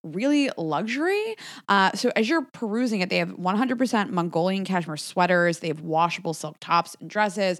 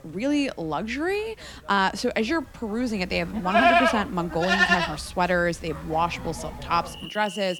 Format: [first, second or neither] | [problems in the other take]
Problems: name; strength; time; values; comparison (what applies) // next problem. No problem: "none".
first | animal sounds; very loud; throughout; 2 dB above the speech